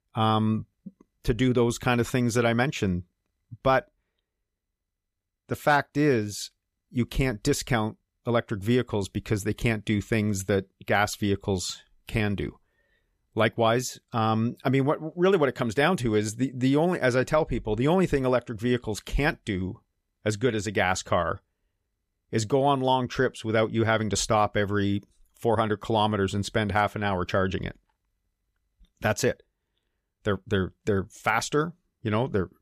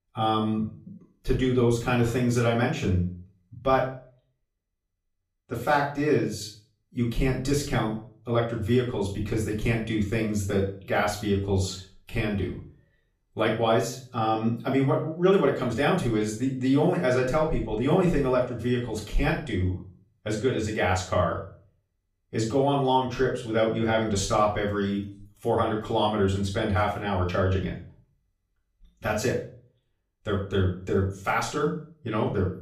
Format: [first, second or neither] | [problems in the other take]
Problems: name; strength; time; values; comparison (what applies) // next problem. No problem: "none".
first | off-mic speech; far // room echo; noticeable; dies away in 0.4 s